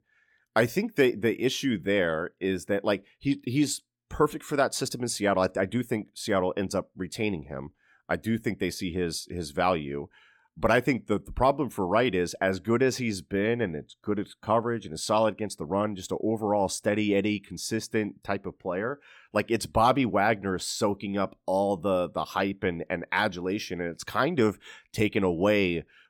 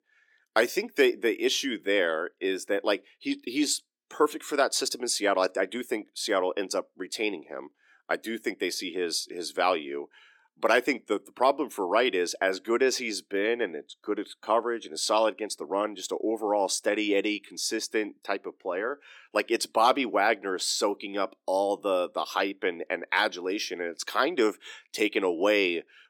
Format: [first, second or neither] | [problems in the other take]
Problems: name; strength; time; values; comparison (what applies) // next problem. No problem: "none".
first | thin; somewhat; fading below 300 Hz